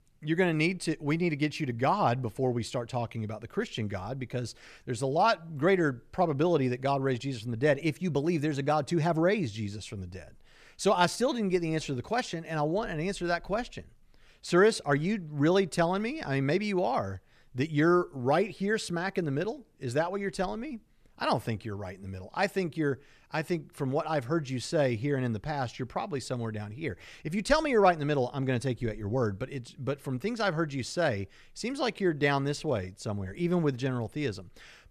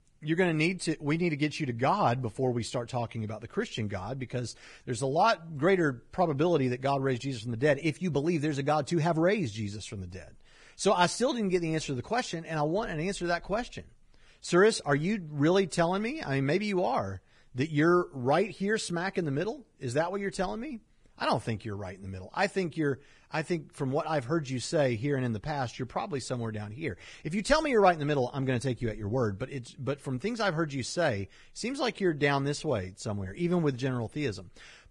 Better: first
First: none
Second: garbled, watery; badly

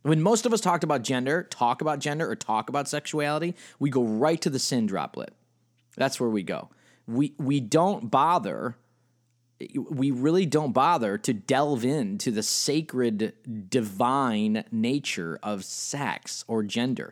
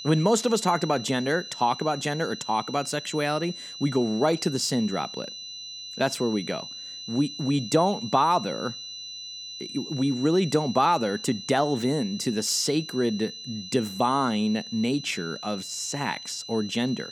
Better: first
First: none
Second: high-pitched whine; noticeable; throughout; 4 kHz, 10 dB below the speech

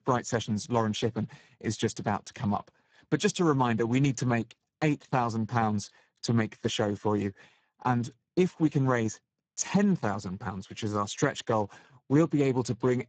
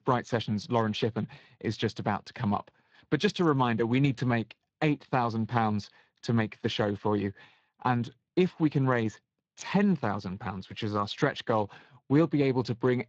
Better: second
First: garbled, watery; badly; nothing above 7.5 kHz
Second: garbled, watery; slightly

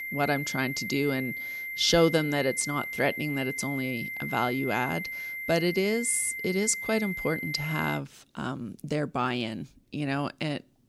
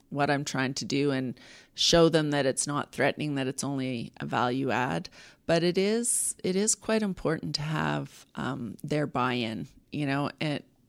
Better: second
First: high-pitched whine; loud; until 8 s; 2 kHz, 5 dB below the speech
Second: none

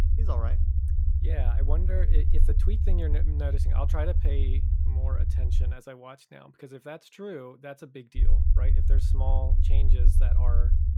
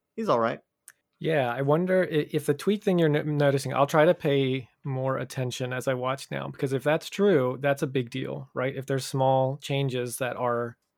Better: second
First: low rumble; loud; until 5.5 s and from 8 s on; 4 dB below the speech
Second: none

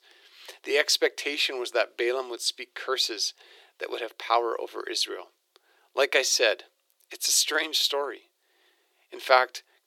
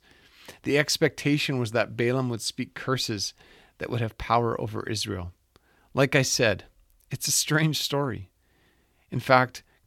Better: second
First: thin; very; fading below 350 Hz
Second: none

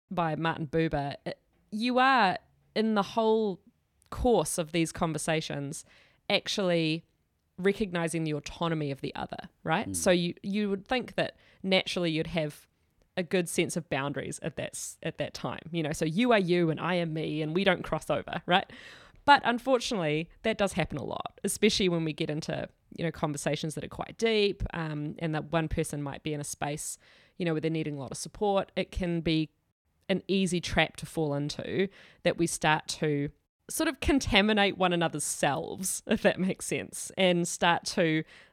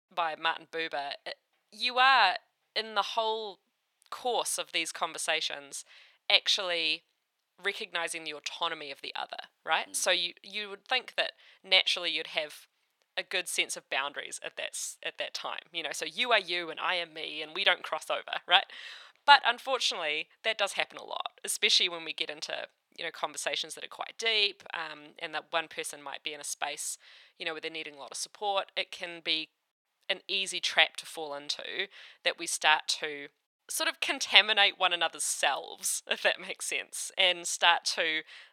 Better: first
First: none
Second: thin; very; fading below 850 Hz

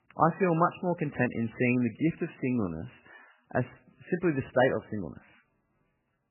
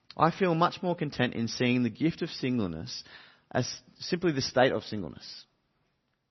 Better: second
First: garbled, watery; badly; nothing above 2.5 kHz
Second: garbled, watery; slightly; nothing above 6 kHz

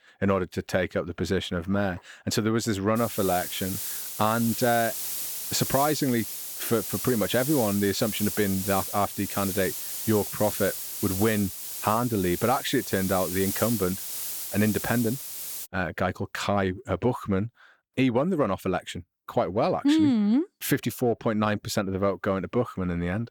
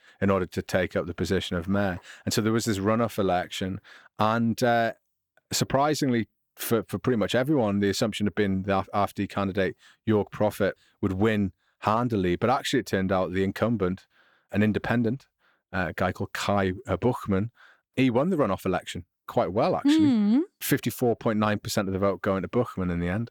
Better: second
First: hiss; loud; from 3 to 16 s; 5 dB below the speech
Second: none

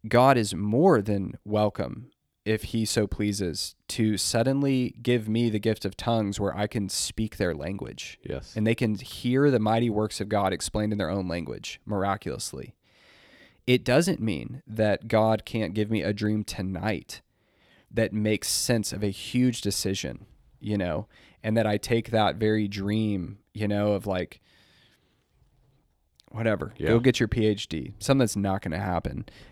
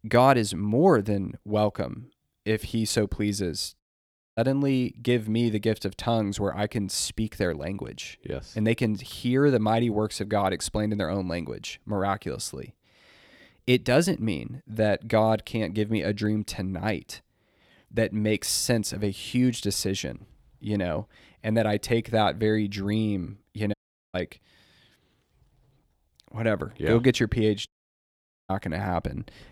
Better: first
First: none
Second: audio cutting out; at 4 s for 0.5 s, at 24 s and at 28 s for 1 s

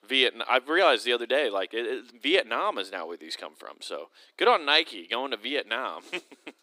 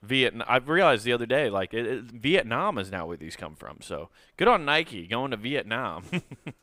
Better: second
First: thin; somewhat; fading below 300 Hz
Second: none

